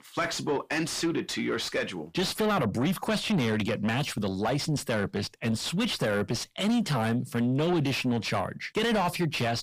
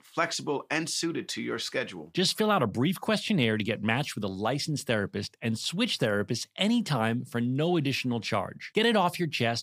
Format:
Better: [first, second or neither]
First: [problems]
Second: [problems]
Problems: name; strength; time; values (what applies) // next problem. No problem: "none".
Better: second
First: distortion; heavy; 8 dB below the speech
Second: none